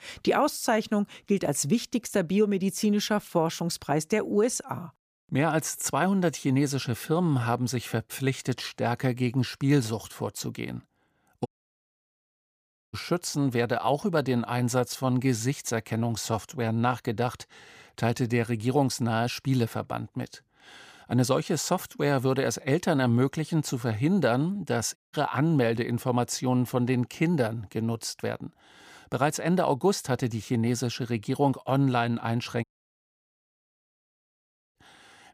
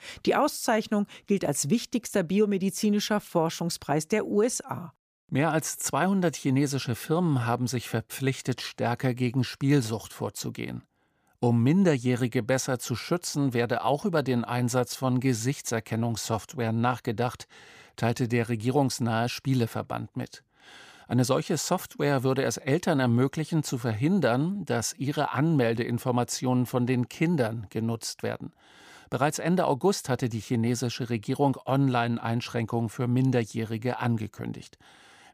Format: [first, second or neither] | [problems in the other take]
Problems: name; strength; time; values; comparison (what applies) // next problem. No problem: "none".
second | audio cutting out; at 11 s for 1.5 s, at 25 s and at 33 s for 2 s